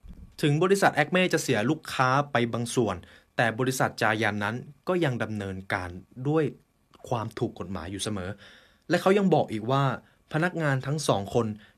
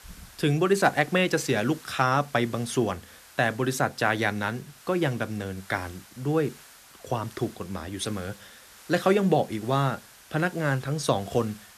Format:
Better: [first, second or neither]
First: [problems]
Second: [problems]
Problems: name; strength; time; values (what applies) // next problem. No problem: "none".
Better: first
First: none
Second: hiss; faint; throughout; 20 dB below the speech